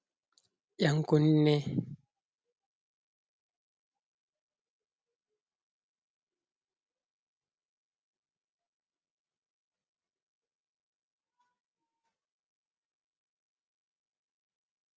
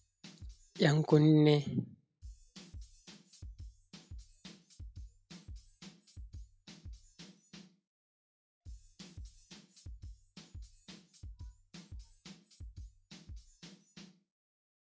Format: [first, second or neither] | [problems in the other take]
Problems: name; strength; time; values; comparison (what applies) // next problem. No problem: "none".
first | noise reduction (classical method log-MMSE)